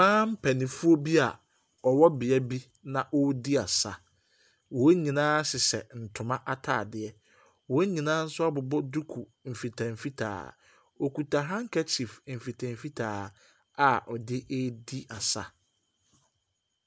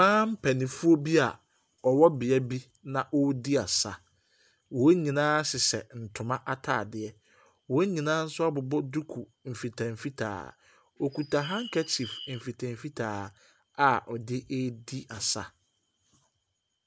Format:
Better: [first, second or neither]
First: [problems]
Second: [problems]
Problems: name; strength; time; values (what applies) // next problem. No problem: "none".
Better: first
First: none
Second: background sound (Bird); 15 dB below the speech